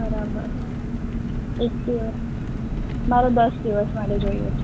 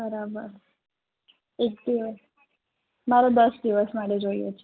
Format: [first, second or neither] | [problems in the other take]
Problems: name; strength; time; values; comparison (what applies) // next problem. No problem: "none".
second | background sound (Engine); as loud as the speech